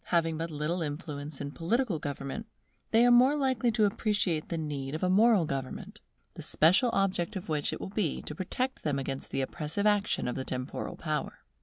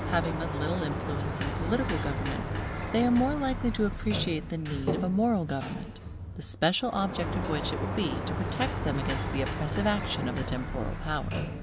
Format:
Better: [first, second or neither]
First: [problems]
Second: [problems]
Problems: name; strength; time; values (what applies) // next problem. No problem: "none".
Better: first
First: none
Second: background sound (Sliding door); 2 dB below the speech